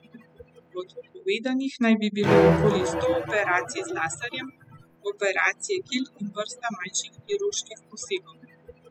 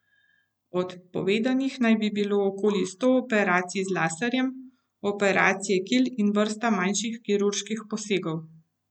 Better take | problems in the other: second | noise reduction (classical method spectral subtraction)

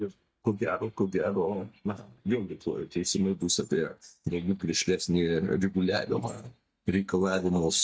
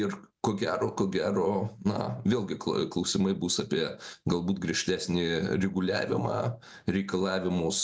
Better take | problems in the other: second | noise reduction (neural mask model DeepFilterNet 3)

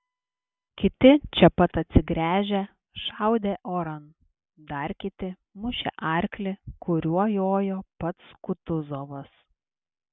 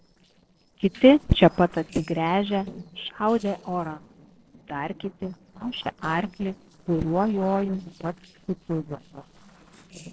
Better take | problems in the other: first | noise reduction (neural separator model SepFormer DNS4)

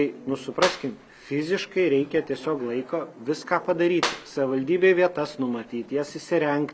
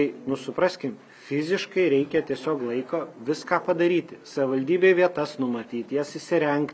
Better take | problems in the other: second | background sound (Clapping); 12 dB below the speech

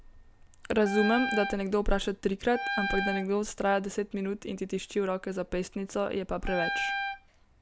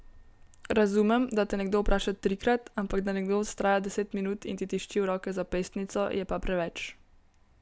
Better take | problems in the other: second | background sound (Wind instrument, woodwind instrument); 4 dB below the speech

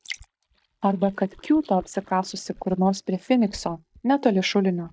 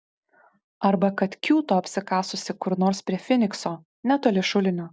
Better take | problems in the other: second | noise reduction (neural mask model DeepFilterNet 3)

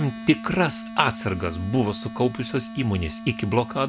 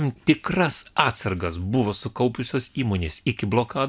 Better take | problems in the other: second | background sound (Wind instrument, woodwind instrument); 12 dB below the speech

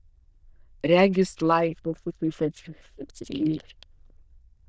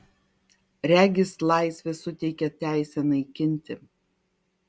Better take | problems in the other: second | noise reduction (neural diffusion model UNIVERSE++)

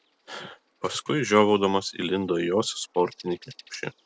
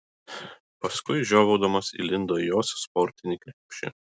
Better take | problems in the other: second | noise reduction (neural separator model SepFormer DNS4)

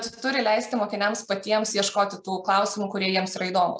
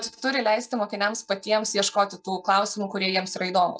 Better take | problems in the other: first | noise reduction (neural mask model DeepFilterNet 3)

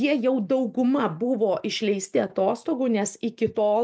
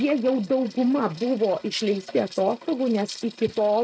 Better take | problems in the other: first | noise reduction (neural mask model RNNoise)

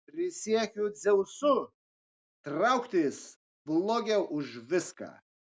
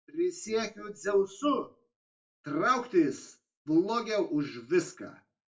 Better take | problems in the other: first | room echo; dies away in 0.2 s

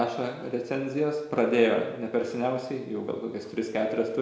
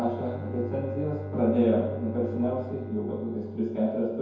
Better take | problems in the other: first | background sound (Bowed string instrument); 9 dB below the speech // room echo; dies away in 0.6 s

